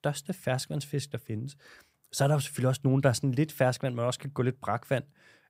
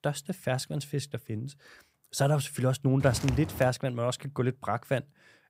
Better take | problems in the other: first | footsteps; noticeable; at 3 s; peak 6 dB below the speech

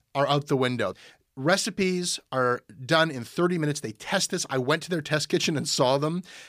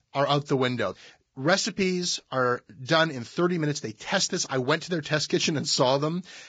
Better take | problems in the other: first | garbled, watery; badly; nothing above 7.5 kHz

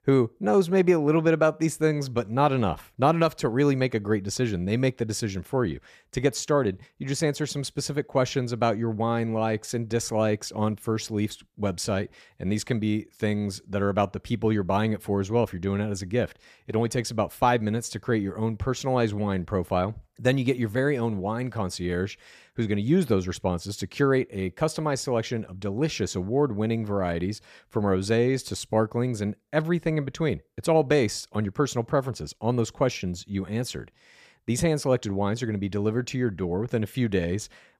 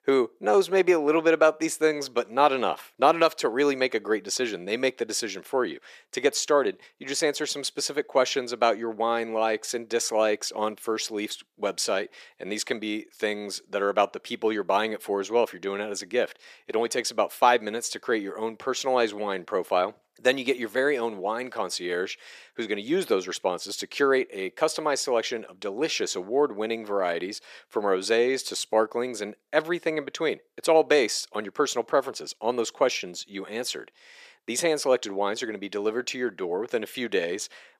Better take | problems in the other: first | thin; somewhat; fading below 350 Hz

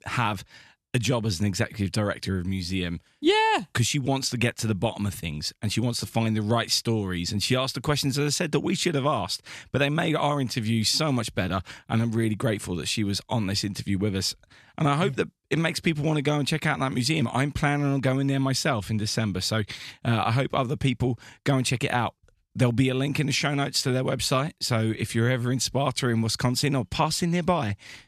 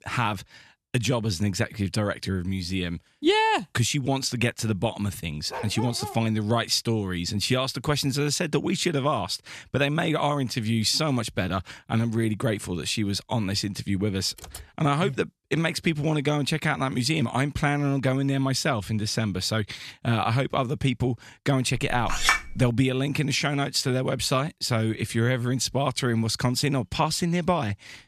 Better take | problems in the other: first | dog barking; noticeable; at 5.5 s; peak 9 dB below the speech // keyboard typing; faint; at 14 s; peak 15 dB below the speech // clattering dishes; loud; at 22 s; peak 3 dB above the speech

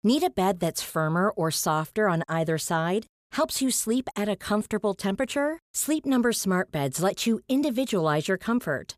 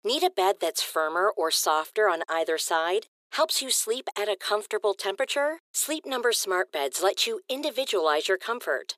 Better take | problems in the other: first | thin; very; fading below 350 Hz

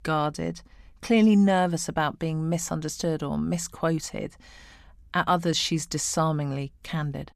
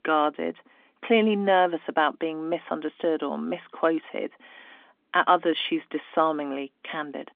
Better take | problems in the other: first | phone-call audio; nothing above 3.5 kHz

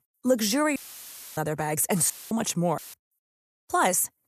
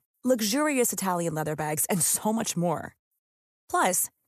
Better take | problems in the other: second | audio cutting out; filled with static; at 1 s for 0.5 s, at 2 s and at 3 s

